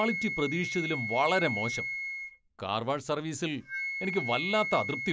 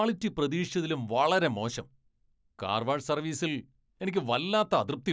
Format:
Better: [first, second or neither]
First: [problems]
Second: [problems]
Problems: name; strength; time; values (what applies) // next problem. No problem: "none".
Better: second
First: background sound (Wind instrument, woodwind instrument); 5 dB below the speech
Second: none